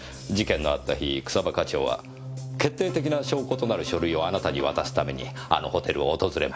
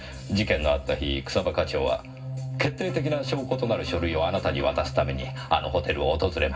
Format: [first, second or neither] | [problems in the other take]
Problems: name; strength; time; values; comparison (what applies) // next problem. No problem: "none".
first | room echo; dies away in 0.4 s